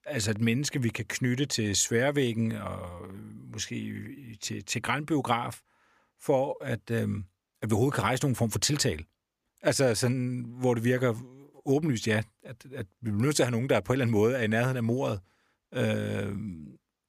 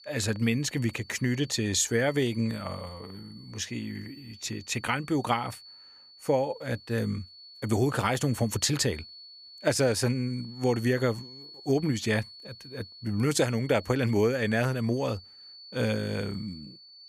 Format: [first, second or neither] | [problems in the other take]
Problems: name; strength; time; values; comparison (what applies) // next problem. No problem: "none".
first | high-pitched whine; noticeable; throughout; 4.5 kHz, 20 dB below the speech